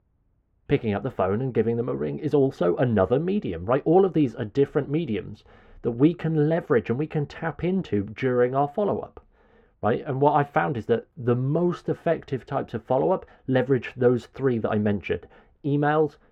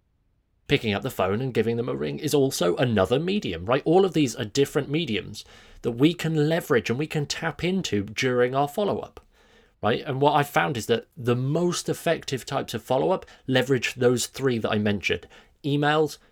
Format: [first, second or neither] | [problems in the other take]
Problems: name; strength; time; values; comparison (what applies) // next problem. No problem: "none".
second | muffled; very; fading above 3.5 kHz